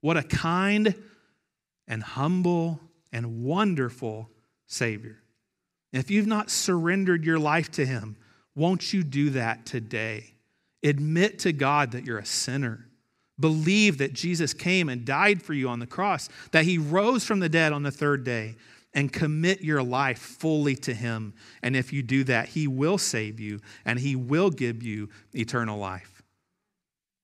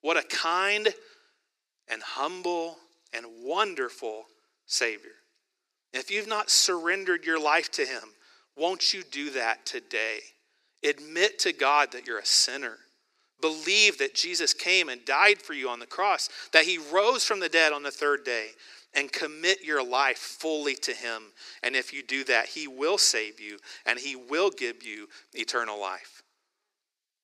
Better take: first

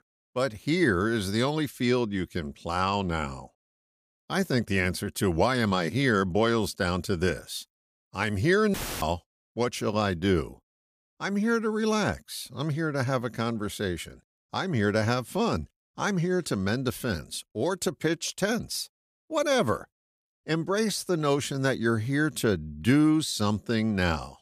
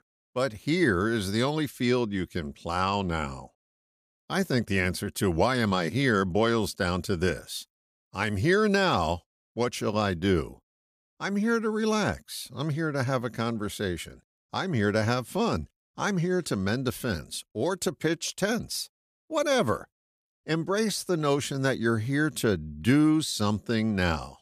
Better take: second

